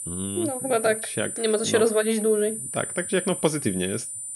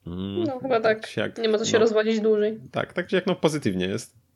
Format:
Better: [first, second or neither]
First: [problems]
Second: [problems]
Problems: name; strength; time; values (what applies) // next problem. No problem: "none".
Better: second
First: high-pitched whine; loud; throughout; 9 kHz, 5 dB below the speech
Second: none